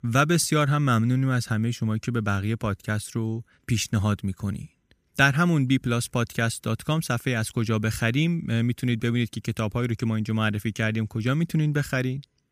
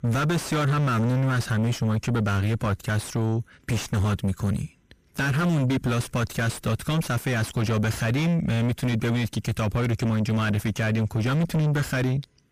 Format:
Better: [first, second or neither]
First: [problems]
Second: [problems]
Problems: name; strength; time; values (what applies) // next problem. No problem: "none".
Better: first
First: none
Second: distortion; heavy; 5 dB below the speech